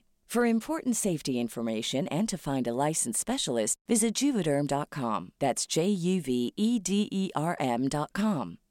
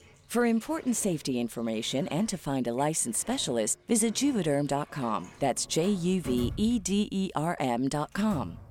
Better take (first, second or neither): first